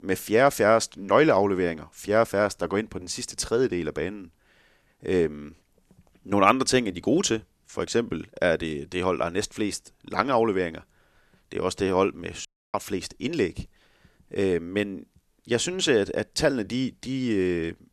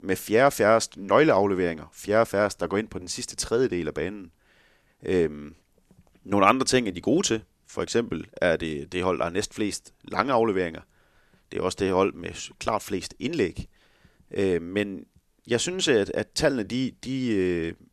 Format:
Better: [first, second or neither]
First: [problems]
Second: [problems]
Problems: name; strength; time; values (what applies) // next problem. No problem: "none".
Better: second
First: audio cutting out; at 12 s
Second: none